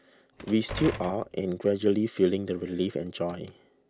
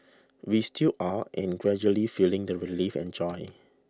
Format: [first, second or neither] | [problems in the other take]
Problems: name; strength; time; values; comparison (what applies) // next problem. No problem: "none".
second | background sound (Door); 11 dB below the speech